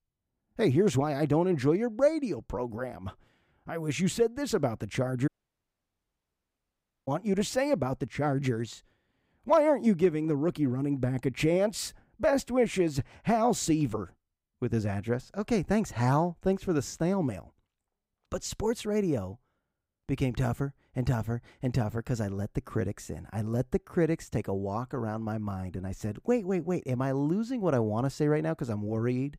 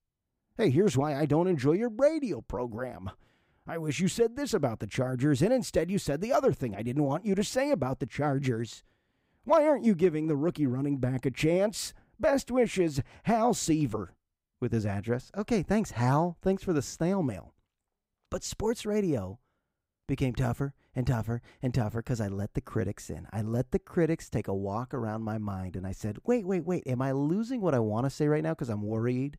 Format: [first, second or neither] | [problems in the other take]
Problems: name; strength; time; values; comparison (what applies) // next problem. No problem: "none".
second | audio cutting out; at 5.5 s for 2 s